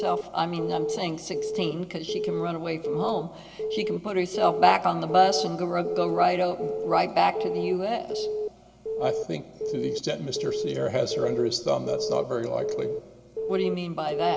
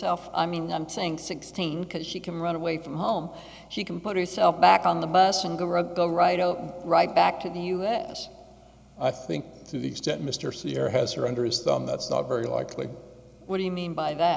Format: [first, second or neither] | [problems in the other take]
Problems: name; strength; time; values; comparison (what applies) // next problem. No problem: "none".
second | background sound (Alarm / Keyboard (musical)); 5 dB below the speech // room echo; dies away in 0.5 s